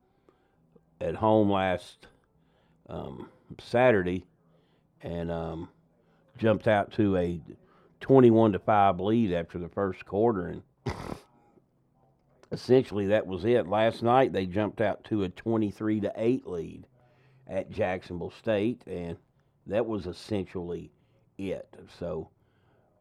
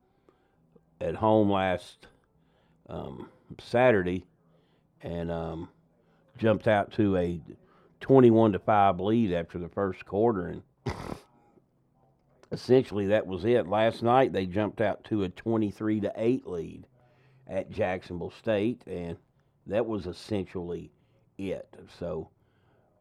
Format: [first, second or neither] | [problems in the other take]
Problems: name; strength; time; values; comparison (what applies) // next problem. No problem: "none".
neither | muffled; slightly; fading above 1.5 kHz; the same in both